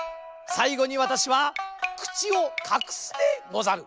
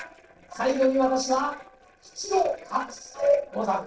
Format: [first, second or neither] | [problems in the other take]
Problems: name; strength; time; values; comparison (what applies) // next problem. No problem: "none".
first | noise reduction (neural separator model SepFormer DNS4)